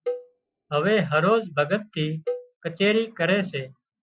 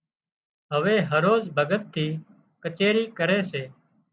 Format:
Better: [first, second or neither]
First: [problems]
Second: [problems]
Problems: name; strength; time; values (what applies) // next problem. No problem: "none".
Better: second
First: noise reduction (classical method Wiener filter)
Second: none